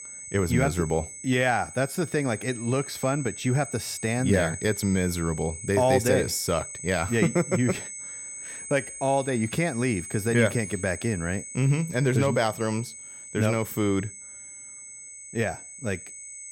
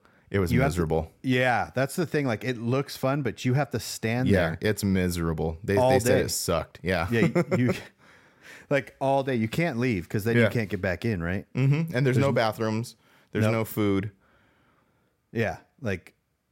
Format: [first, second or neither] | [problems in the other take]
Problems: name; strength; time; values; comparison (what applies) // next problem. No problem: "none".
second | high-pitched whine; noticeable; throughout; 8 kHz, 10 dB below the speech